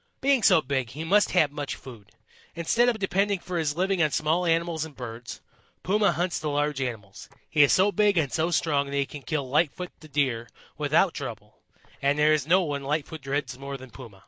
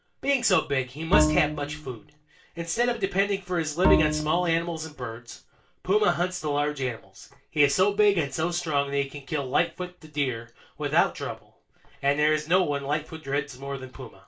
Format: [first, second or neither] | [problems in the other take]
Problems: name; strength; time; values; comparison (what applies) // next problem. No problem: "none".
first | background sound (Bowed string instrument); as loud as the speech // room echo; dies away in 0.2 s